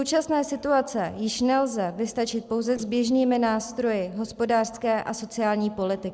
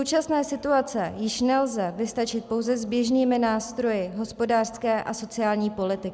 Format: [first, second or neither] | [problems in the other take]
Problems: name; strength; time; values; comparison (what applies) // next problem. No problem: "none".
second | noise reduction (neural separator model SepFormer DNS4)